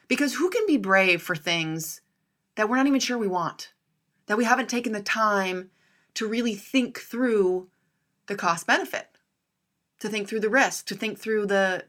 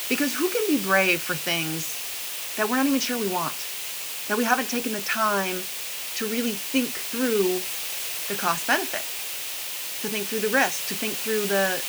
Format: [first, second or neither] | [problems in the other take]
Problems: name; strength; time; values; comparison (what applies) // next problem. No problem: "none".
first | hiss; loud; throughout; 3 dB below the speech